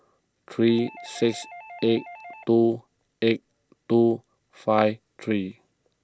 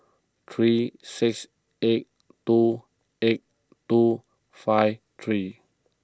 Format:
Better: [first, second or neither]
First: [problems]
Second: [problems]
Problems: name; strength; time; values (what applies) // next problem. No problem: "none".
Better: second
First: background sound (Doorbell); 19 dB below the speech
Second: none